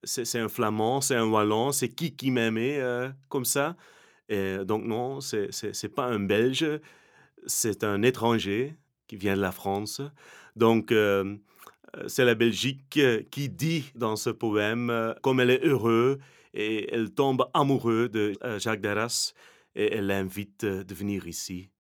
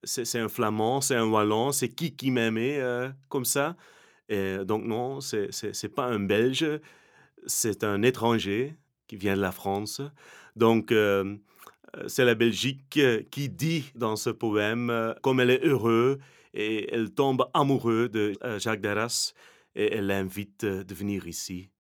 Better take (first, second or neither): neither